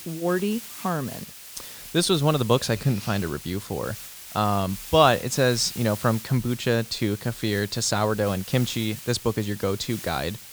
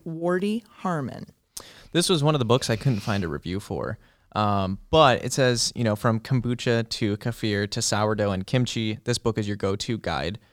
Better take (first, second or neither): second